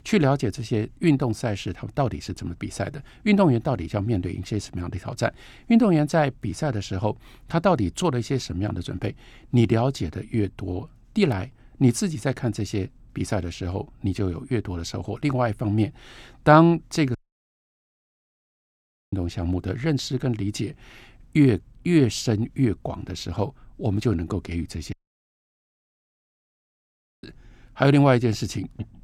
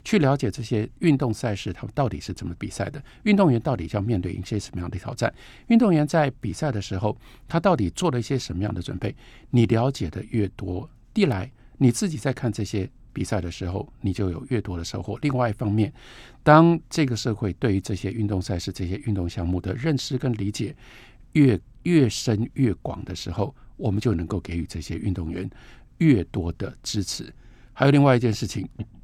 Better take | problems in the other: second | audio cutting out; at 17 s for 2 s and at 25 s for 2.5 s

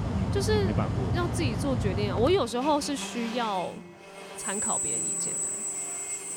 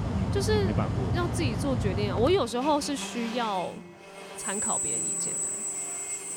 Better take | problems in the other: neither | machinery noise; loud; throughout; 1 dB below the speech; the same in both

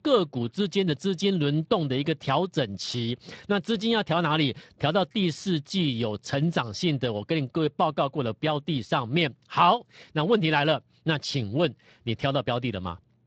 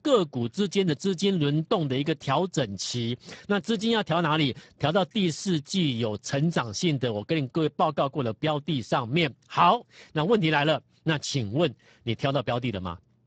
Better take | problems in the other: first | garbled, watery; badly; nothing above 8 kHz; slightly in the first

